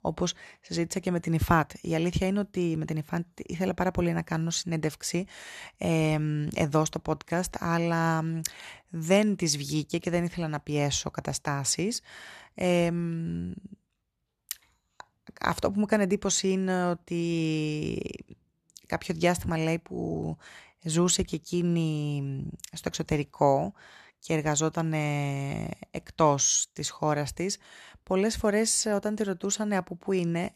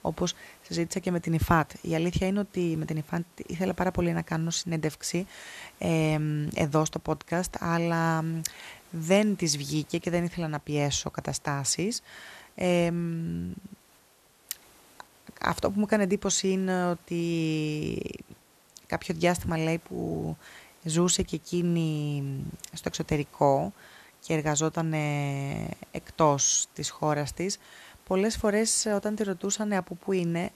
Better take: first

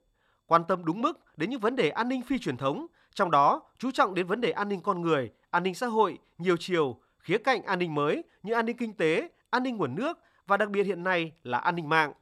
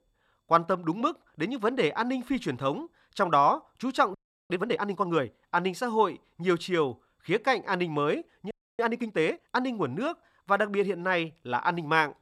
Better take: first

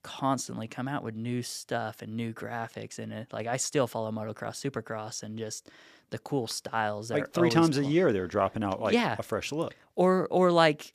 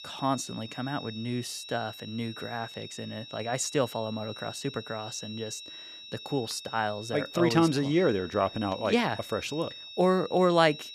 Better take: first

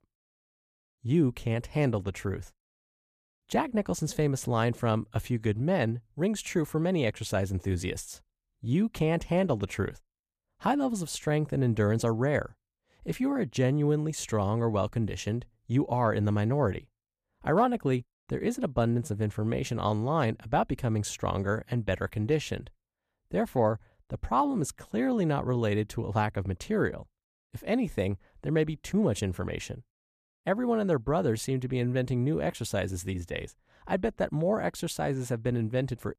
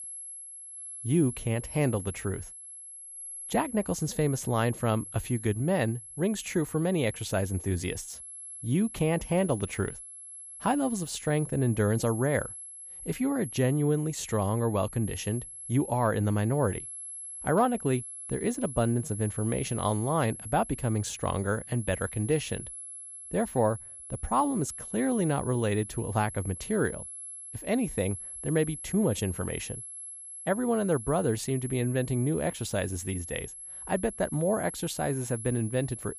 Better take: first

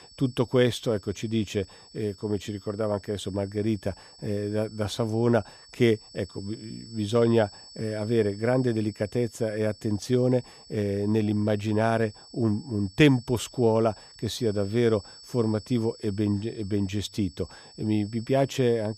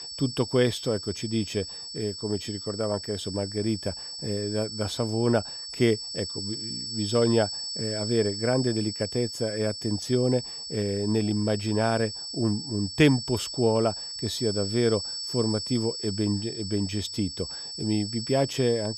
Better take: first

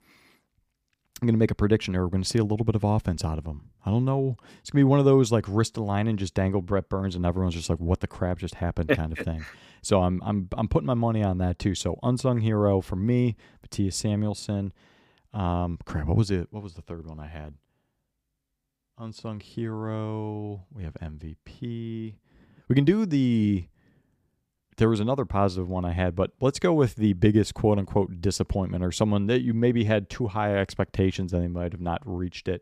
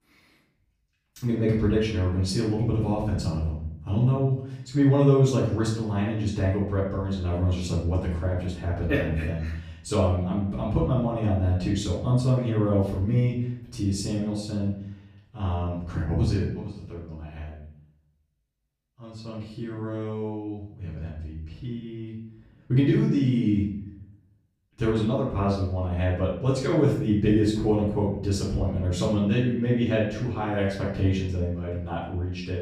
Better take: first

